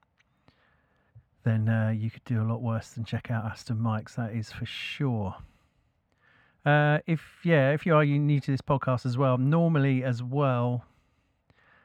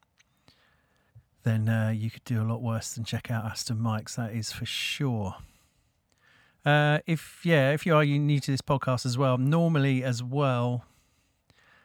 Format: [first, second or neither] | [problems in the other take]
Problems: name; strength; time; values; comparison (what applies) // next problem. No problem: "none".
second | muffled; slightly; fading above 4 kHz